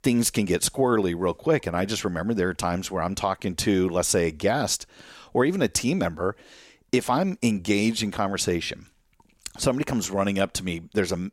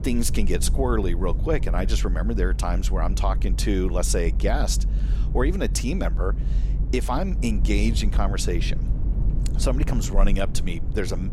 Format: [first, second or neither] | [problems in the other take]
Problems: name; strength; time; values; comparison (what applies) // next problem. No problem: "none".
first | low rumble; noticeable; throughout; 15 dB below the speech